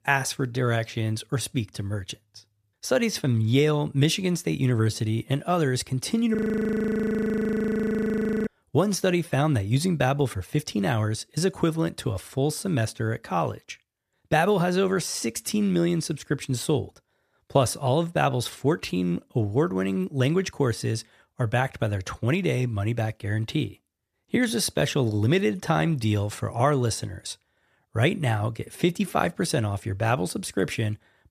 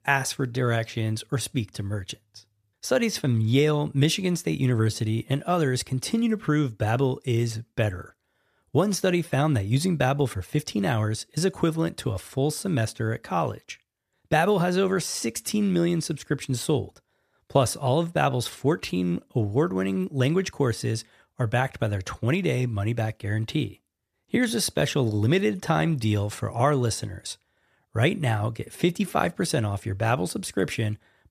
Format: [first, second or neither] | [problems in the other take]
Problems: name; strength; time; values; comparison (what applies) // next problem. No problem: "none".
second | audio freezing; at 6.5 s for 2 s